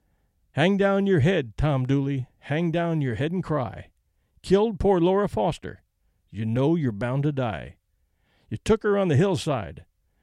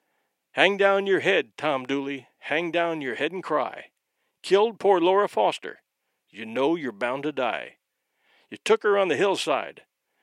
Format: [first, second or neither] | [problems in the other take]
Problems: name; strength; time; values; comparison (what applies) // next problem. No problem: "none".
first | thin; somewhat; fading below 350 Hz